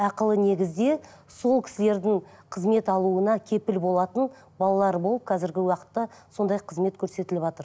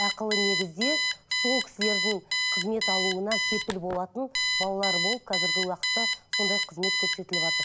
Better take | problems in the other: first | background sound (Alarm); 3 dB above the speech

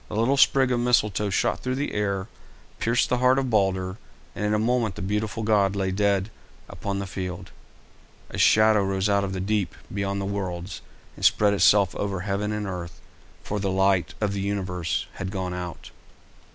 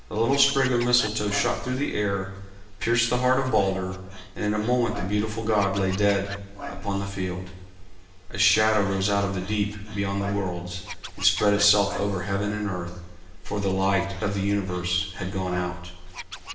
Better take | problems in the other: first | background sound (Scratching (performance technique)); 17 dB below the speech // room echo; dies away in 1.1 s

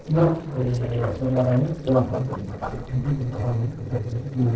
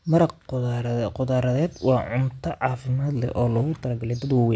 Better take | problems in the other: second | noise reduction (neural separator model SepFormer DNS4)

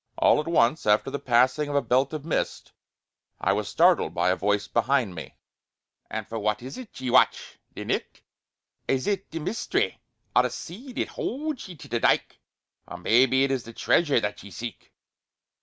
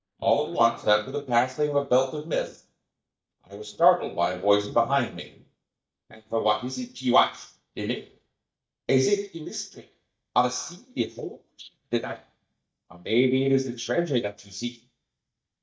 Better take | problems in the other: first | noise reduction (neural mask model DeepFilterNet 3)

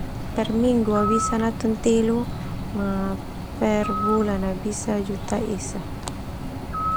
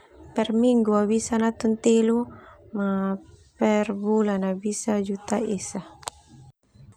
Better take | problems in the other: second | background sound (Bird); 5 dB below the speech

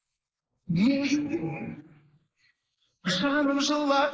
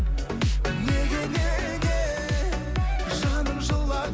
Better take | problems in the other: second | noise reduction (neural mask model Resemble Enhance denoiser)

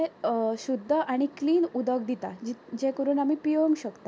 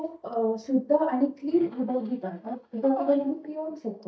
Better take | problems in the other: first | noise reduction (neural mask model DeepFilterNet 3)

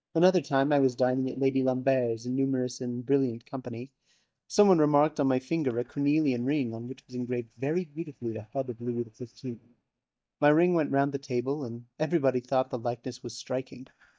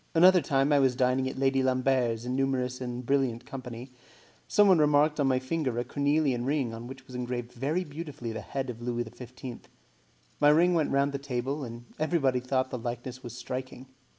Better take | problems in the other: second | noise reduction (neural mask model DeepFilterNet 3)

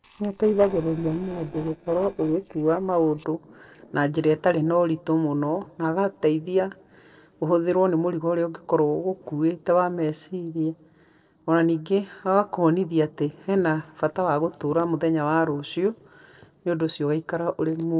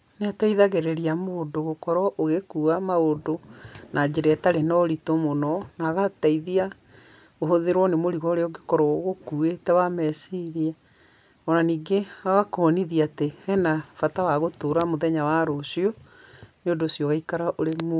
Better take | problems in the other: second | noise reduction (neural separator model SepFormer DNS4)

